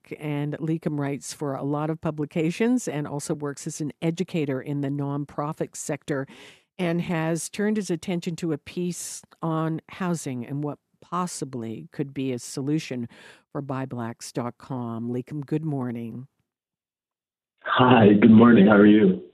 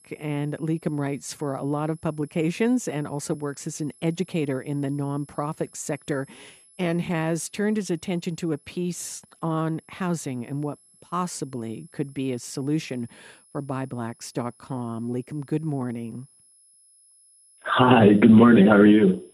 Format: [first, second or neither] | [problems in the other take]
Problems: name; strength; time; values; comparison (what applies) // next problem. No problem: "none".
first | high-pitched whine; faint; throughout; 11 kHz, 30 dB below the speech